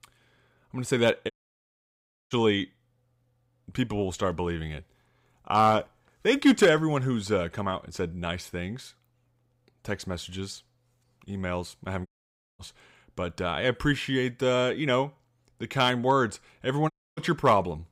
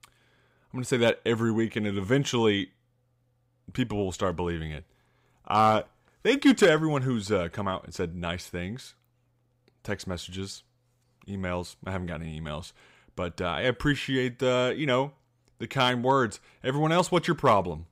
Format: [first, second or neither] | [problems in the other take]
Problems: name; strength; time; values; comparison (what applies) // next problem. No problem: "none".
second | audio cutting out; at 1.5 s for 1 s, at 12 s for 0.5 s and at 17 s